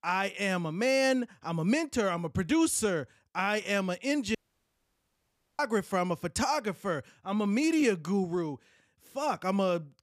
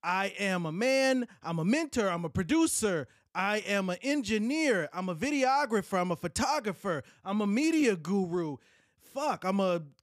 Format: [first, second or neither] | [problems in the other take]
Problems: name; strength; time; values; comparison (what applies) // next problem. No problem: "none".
second | audio cutting out; at 4.5 s for 1 s